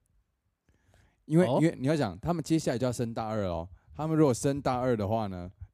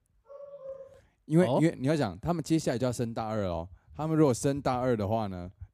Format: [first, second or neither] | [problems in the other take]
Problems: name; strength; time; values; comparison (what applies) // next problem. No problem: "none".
first | dog barking; faint; at 0.5 s; peak 15 dB below the speech